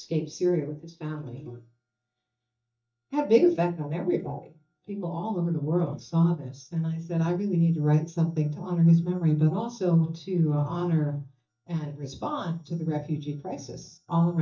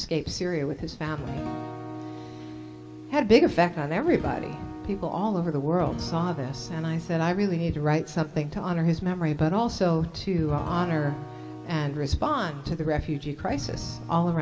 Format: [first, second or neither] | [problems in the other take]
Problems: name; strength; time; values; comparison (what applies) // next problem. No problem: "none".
second | noise reduction (neural mask model DeepFilterNet 3)